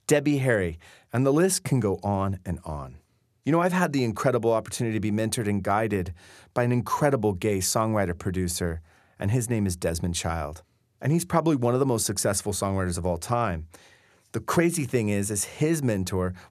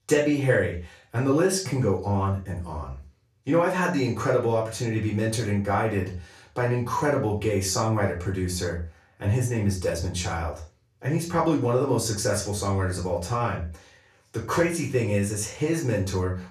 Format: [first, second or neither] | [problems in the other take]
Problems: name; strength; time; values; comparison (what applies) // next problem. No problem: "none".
first | room echo; noticeable; dies away in 0.3 s // off-mic speech; far